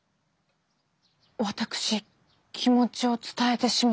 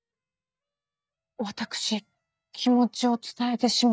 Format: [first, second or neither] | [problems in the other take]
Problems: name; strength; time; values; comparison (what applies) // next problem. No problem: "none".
first | noise reduction (neural mask model DeepFilterNet 3)